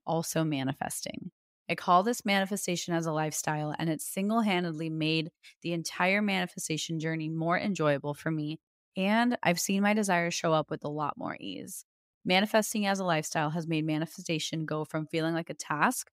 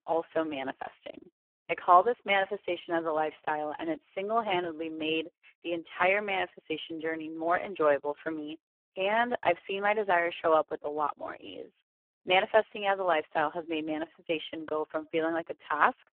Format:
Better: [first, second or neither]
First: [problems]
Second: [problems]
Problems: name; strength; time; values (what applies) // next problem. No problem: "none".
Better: first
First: none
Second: phone-call audio; poor line